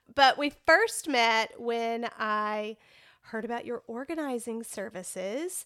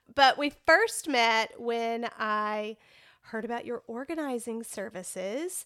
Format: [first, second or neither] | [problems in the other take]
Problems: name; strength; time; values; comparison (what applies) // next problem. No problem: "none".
neither | none